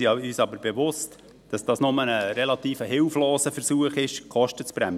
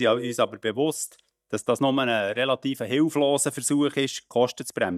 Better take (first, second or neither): first